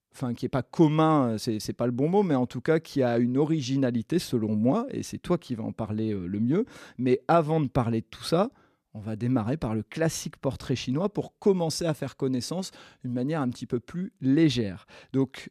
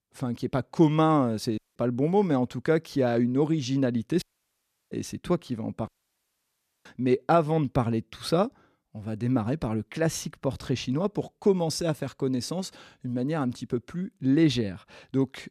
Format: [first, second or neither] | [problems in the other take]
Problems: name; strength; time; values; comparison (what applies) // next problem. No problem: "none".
first | audio cutting out; at 1.5 s, at 4 s for 0.5 s and at 6 s for 1 s